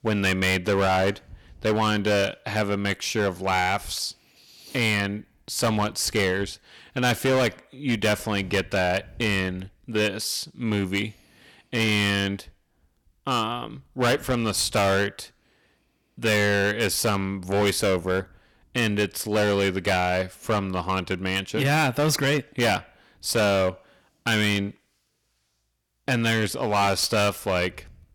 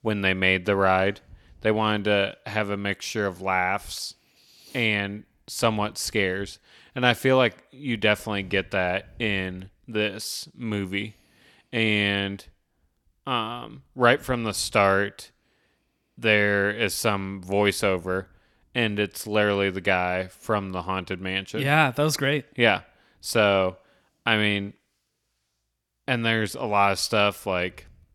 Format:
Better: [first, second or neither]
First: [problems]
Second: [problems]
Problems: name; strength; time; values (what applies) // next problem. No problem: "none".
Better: second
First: distortion; heavy; 10% of the sound clipped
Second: none